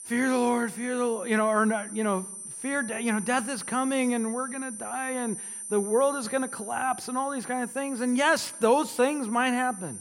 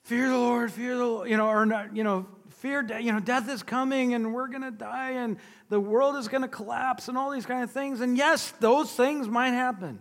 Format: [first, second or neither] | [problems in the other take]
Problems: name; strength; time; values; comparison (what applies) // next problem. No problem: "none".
second | high-pitched whine; loud; throughout; 9 kHz, 10 dB below the speech